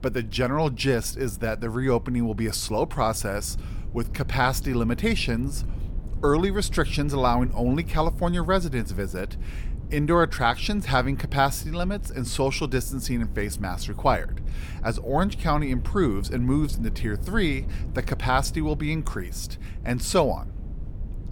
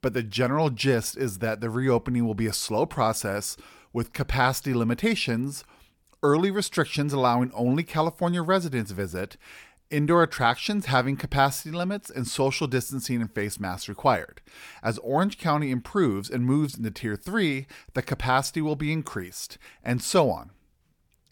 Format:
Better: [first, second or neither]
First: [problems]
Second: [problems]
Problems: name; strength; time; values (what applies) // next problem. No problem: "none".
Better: second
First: low rumble; faint; throughout; 20 dB below the speech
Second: none